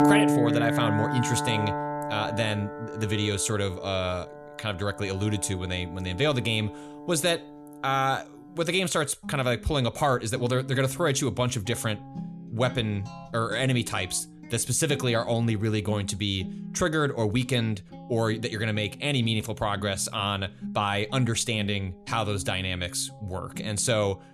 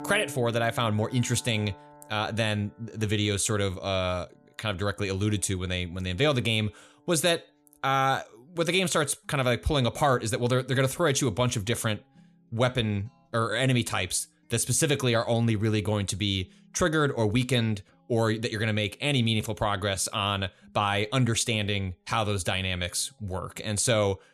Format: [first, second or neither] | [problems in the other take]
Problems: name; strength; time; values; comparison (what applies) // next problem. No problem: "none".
second | background music; loud; throughout; 8 dB below the speech; faint in the second